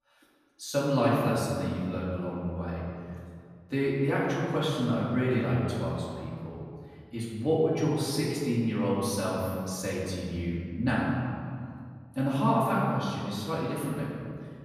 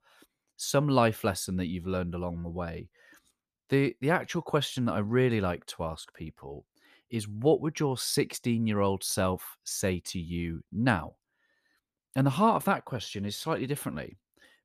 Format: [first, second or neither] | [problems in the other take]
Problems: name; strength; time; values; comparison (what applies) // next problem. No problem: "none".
second | off-mic speech; far // room echo; noticeable; dies away in 2.2 s